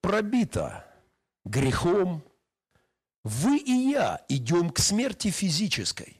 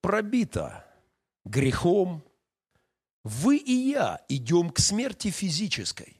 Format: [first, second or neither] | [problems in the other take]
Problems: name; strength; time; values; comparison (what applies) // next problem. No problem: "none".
second | distortion; slight; 10 dB below the speech